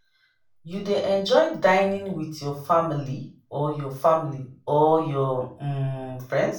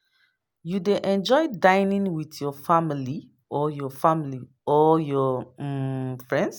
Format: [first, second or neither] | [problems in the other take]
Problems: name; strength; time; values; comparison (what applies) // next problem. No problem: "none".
second | room echo; dies away in 0.3 s